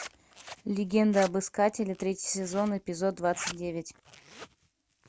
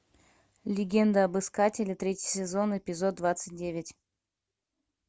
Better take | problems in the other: second | background sound (Zipper (clothing)); 16 dB below the speech

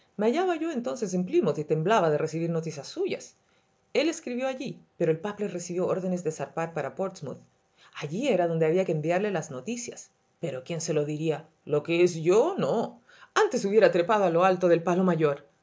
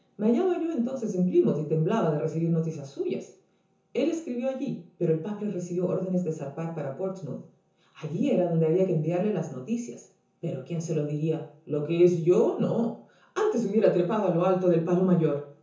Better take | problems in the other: first | room echo; dies away in 0.9 s

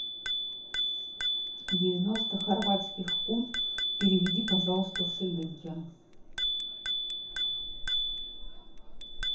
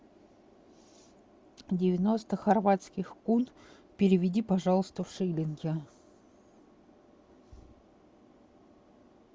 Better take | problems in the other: second | background sound (Bicycle bell); as loud as the speech // room echo; dies away in 0.5 s

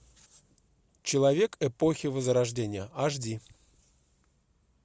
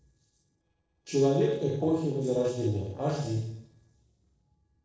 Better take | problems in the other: first | noise reduction (neural separator model SepFormer DNS4)

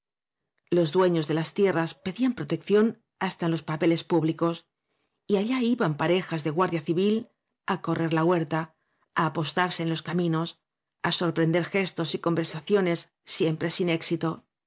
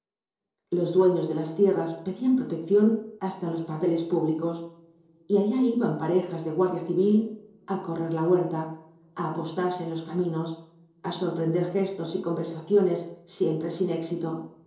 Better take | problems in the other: first | room echo; dies away in 2.8 s

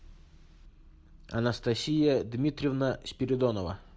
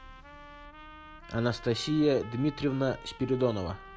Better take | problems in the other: first | background sound (Trumpet); 18 dB below the speech

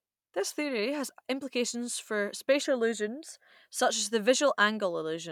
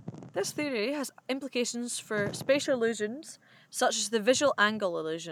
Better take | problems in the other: first | background sound (Wind / Fire); 18 dB below the speech

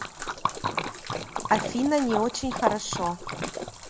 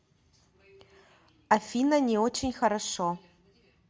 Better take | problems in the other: second | background sound (Splash, splatter); 3 dB below the speech

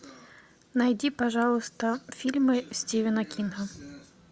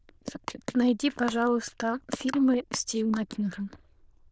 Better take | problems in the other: first | noise reduction (neural diffusion model UNIVERSE++)

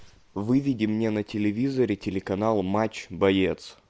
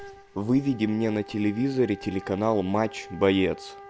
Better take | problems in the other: first | background sound (Wind instrument, woodwind instrument); 18 dB below the speech

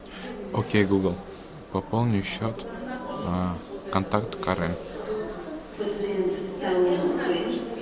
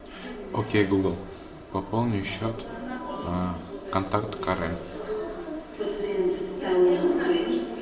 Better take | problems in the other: first | room echo; dies away in 0.7 s

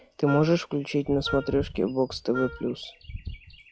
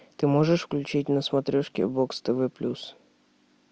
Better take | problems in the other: second | noise reduction (classical method log-MMSE)

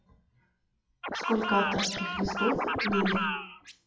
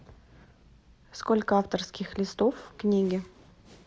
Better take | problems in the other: second | noise reduction (classical method WPE with log-MMSE)

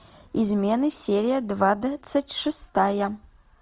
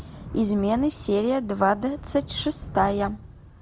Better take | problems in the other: first | background sound (Thunder / Rain); 14 dB below the speech

